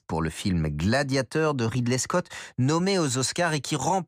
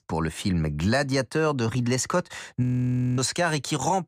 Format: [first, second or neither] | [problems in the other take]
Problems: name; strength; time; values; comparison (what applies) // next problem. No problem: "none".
first | audio freezing; at 2.5 s for 0.5 s